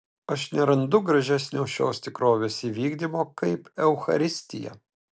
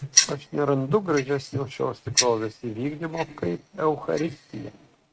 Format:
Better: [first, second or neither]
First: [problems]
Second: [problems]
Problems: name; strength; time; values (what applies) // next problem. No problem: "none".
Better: first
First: none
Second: noise reduction (neural mask model RNNoise)